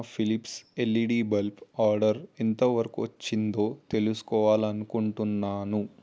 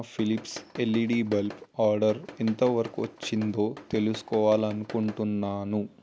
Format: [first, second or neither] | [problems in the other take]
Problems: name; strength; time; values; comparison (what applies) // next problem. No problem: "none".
first | background sound (Tools); 17 dB below the speech